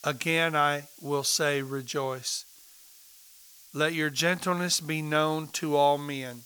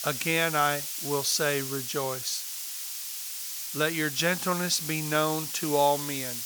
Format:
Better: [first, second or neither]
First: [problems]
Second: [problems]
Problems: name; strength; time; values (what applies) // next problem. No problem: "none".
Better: first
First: hiss; faint; throughout; 20 dB below the speech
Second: hiss; loud; throughout; 5 dB below the speech